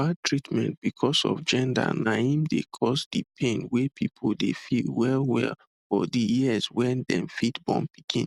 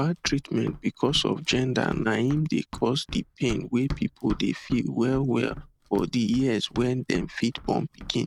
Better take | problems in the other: first | background sound (Run); 15 dB below the speech

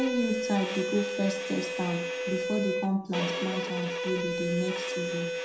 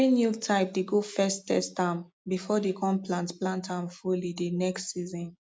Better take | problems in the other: second | background sound (Bowed string instrument); 1 dB below the speech // room echo; dies away in 0.5 s

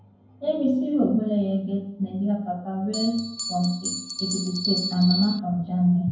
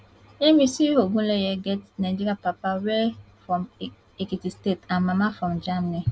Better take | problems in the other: second | background sound (Bell); 6 dB below the speech // room echo; dies away in 0.9 s

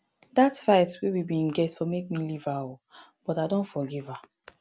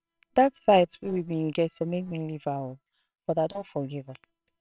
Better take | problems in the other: first | noise reduction (neural separator model SepFormer WHAMR!)

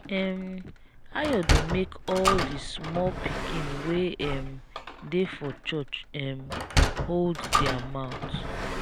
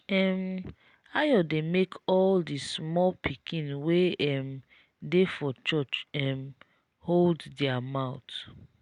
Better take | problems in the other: second | background sound (Sliding door); 1 dB above the speech

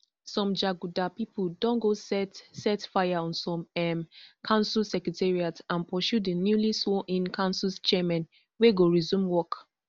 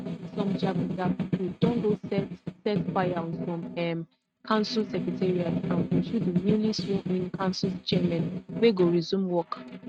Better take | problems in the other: first | noise reduction (neural mask model RNNoise)

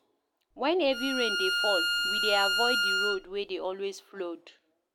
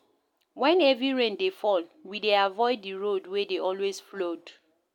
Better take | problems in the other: second | background sound (Bowed string instrument); 3 dB above the speech

